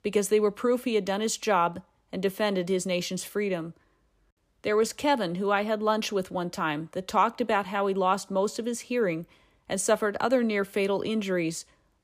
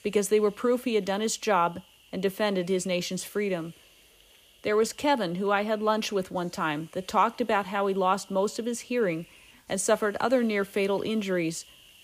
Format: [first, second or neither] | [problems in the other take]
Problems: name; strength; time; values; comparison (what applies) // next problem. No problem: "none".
first | hiss; faint; throughout; 25 dB below the speech